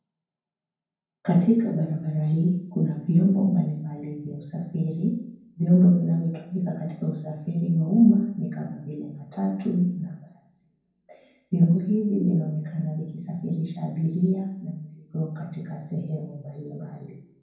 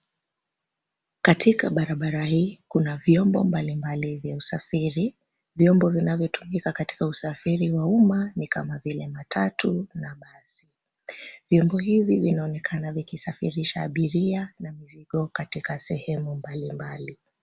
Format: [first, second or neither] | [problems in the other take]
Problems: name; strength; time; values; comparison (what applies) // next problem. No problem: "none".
second | room echo; dies away in 0.9 s